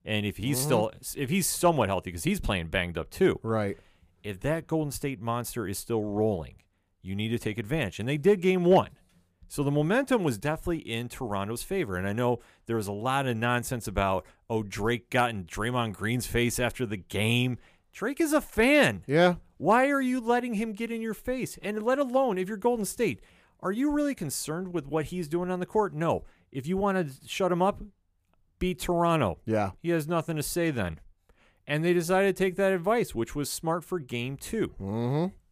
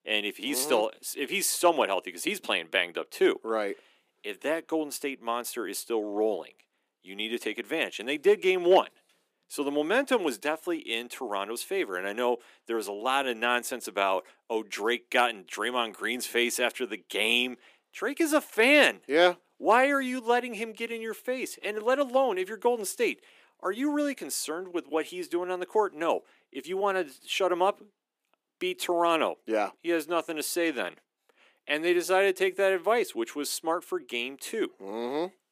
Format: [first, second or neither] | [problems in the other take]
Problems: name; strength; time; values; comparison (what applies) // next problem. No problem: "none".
first | thin; somewhat; fading below 300 Hz